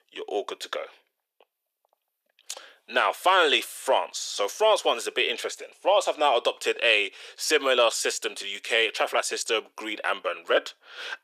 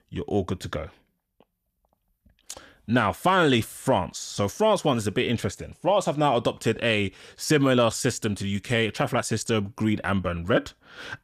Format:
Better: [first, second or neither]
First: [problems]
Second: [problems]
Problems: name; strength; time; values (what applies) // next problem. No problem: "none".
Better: second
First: thin; very; fading below 400 Hz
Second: none